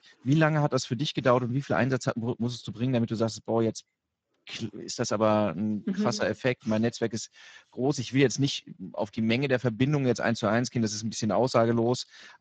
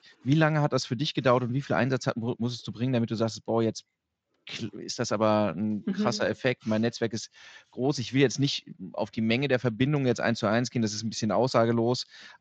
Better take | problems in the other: second | garbled, watery; badly; nothing above 7.5 kHz; slightly in the second

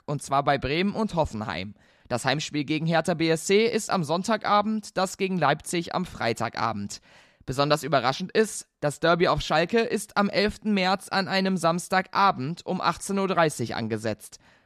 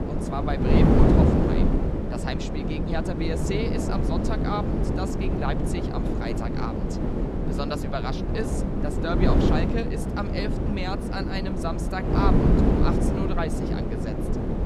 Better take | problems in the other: first | wind noise on the microphone; heavy; 2 dB above the speech

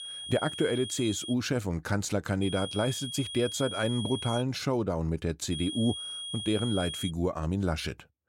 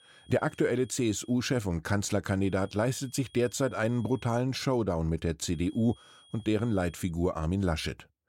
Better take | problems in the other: second | high-pitched whine; loud; until 1.5 s, from 2.5 to 4.5 s and from 5.5 to 7 s; 3.5 kHz, 6 dB below the speech; faint in the second

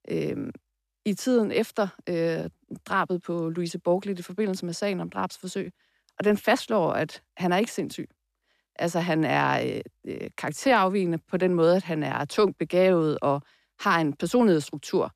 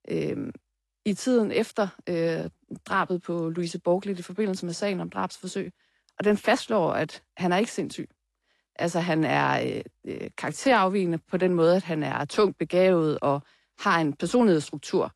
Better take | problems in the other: first | garbled, watery; slightly; nothing above 11 kHz

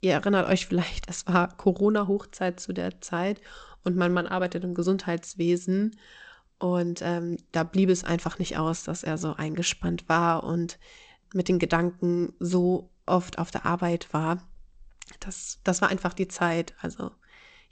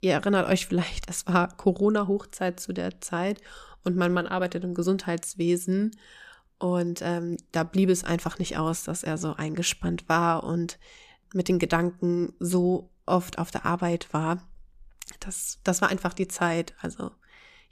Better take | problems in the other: second | garbled, watery; slightly; nothing above 8 kHz

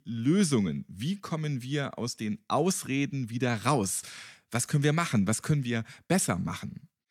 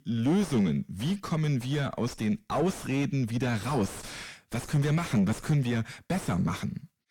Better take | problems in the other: first | distortion; heavy; 4 dB below the speech

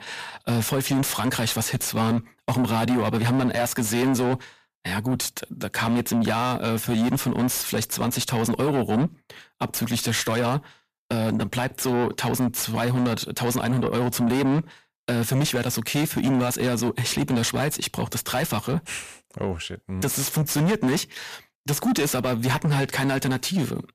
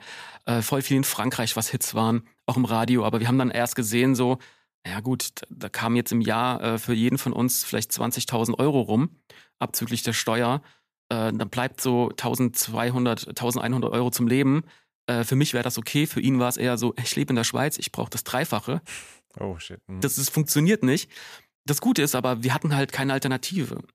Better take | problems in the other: second | distortion; heavy; 7 dB below the speech

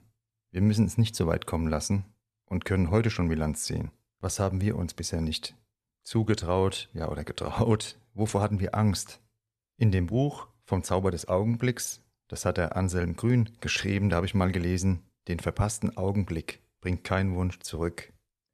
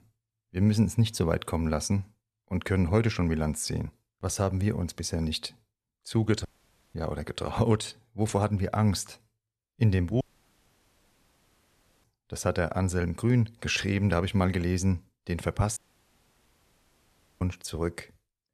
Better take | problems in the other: first | audio cutting out; at 6.5 s, at 10 s for 2 s and at 16 s for 1.5 s

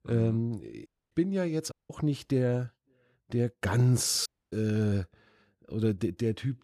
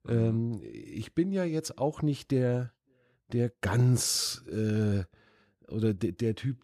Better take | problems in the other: second | audio cutting out; at 1 s, at 1.5 s and at 4.5 s

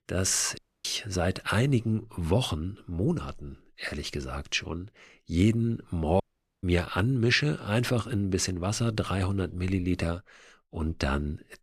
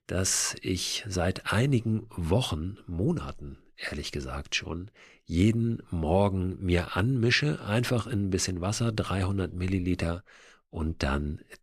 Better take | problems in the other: second | audio cutting out; at 0.5 s and at 6 s

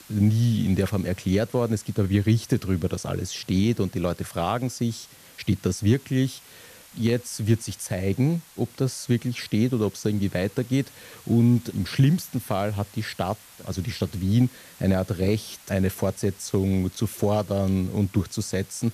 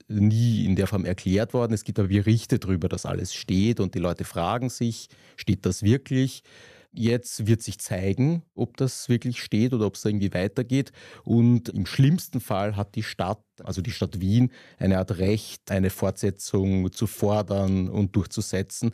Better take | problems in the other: second | hiss; faint; throughout; 20 dB below the speech

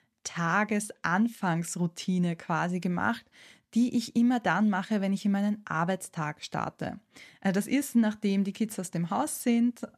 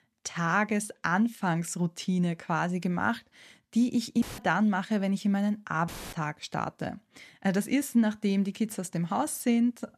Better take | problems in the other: first | audio cutting out; filled with static; at 4 s and at 6 s

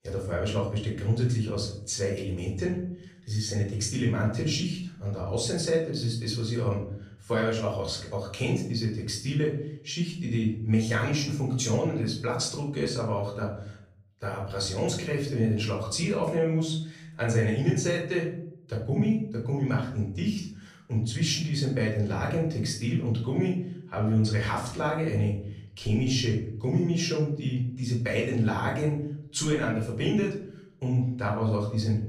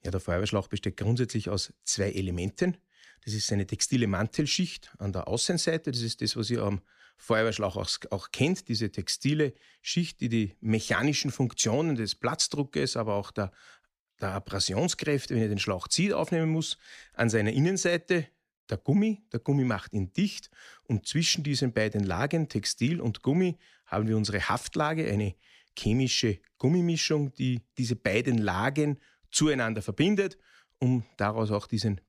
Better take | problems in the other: second | off-mic speech; far // room echo; noticeable; dies away in 0.6 s

